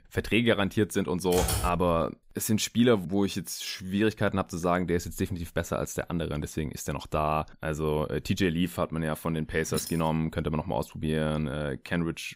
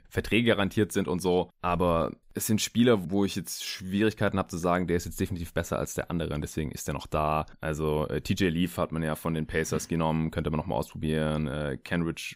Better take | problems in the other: second | keyboard typing; noticeable; at 1.5 s; peak level with the speech // jangling keys; noticeable; at 9.5 s; peak 9 dB below the speech

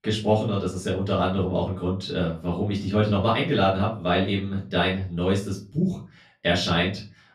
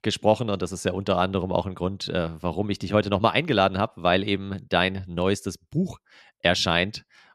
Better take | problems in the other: second | off-mic speech; far // room echo; slight; dies away in 0.3 s

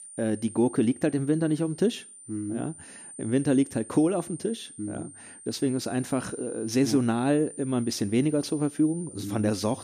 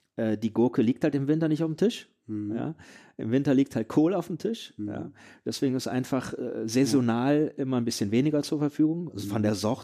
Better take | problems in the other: second | high-pitched whine; noticeable; throughout; 9 kHz, 15 dB below the speech

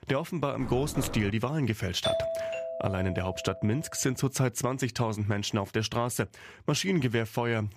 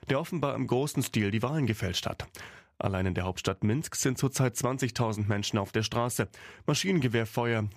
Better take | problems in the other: second | door banging; noticeable; at 0.5 s; peak 8 dB below the speech // doorbell; loud; from 2 to 3.5 s; peak level with the speech

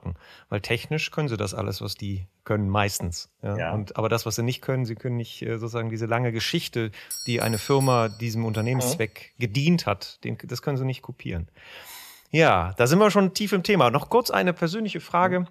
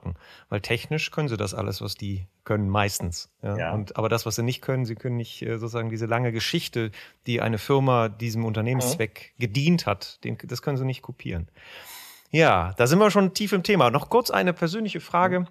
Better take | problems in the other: second | doorbell; noticeable; from 7 to 8.5 s; peak 7 dB below the speech

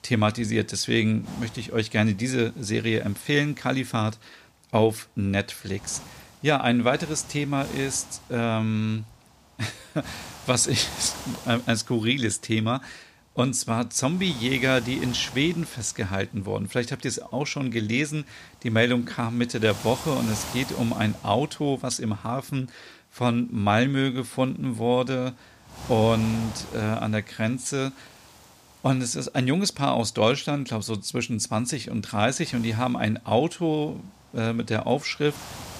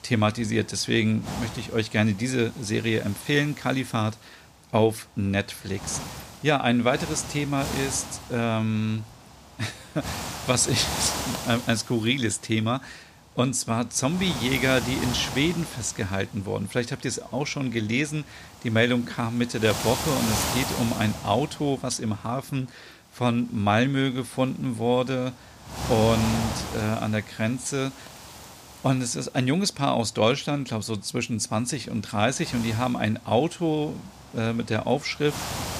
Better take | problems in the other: first | wind noise on the microphone; heavy; 7 dB below the speech; occasional gusts in the first

